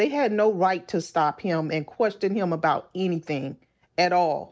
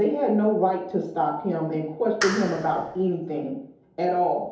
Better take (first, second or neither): first